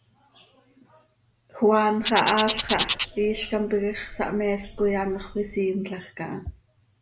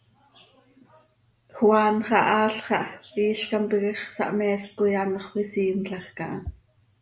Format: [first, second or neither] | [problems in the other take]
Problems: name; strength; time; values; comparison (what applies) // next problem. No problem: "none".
second | background sound (Bird); 7 dB below the speech